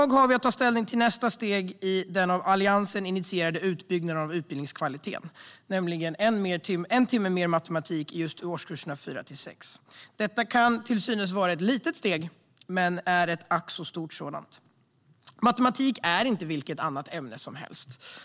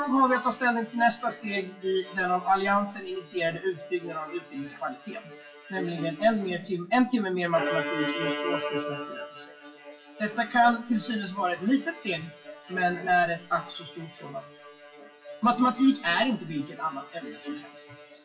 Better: first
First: none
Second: noise reduction (classical method WPE with log-MMSE)

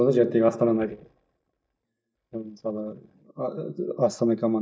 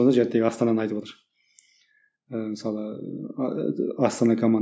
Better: second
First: noise reduction (neural mask model DeepFilterNet 3)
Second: none

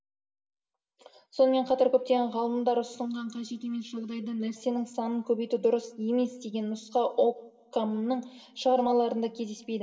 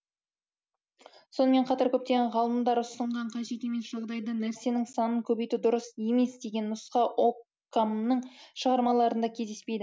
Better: second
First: room echo; dies away in 1.6 s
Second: none

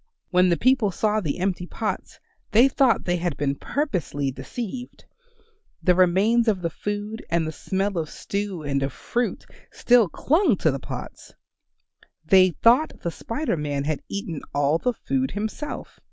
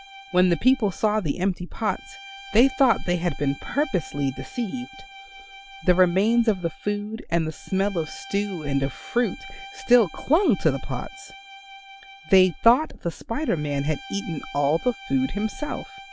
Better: first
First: none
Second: background sound (Bowed string instrument); 19 dB below the speech

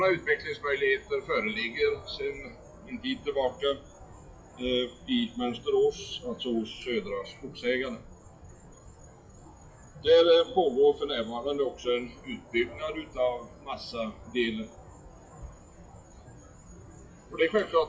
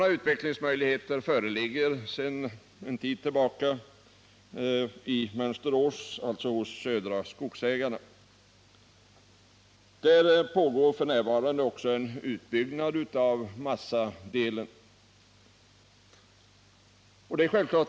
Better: second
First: noise reduction (classical method WPE with log-MMSE)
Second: none

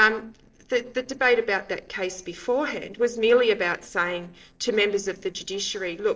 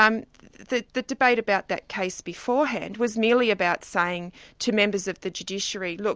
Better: second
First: noise reduction (neural separator model SepFormer DNS4)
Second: none

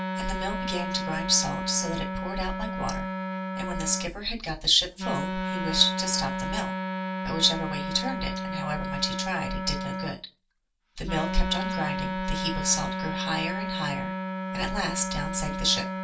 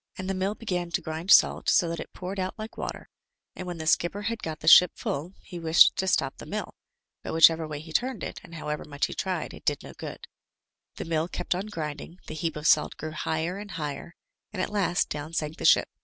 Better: second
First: background sound (Wind instrument, woodwind instrument); 2 dB below the speech // room echo; dies away in 0.2 s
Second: none

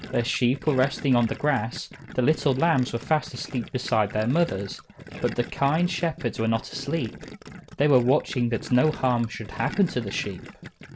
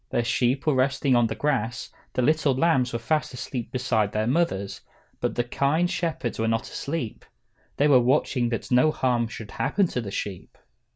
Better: second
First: background sound (Gurgling); 15 dB below the speech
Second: none

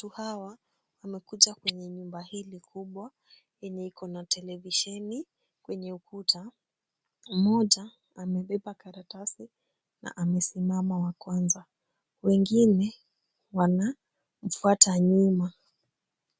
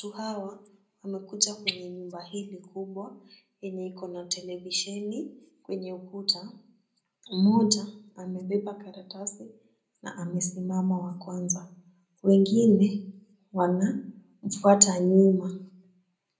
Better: first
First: none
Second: room echo; dies away in 0.5 s

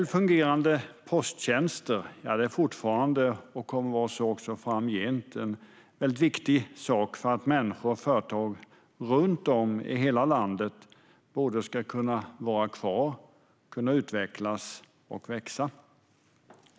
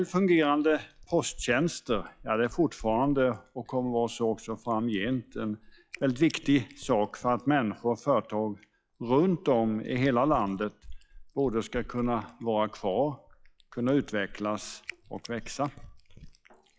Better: first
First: none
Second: noise reduction (classical method log-MMSE)

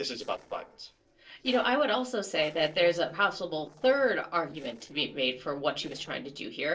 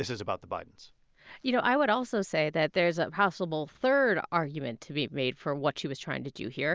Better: second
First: noise reduction (neural separator model SepFormer DNS4)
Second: none

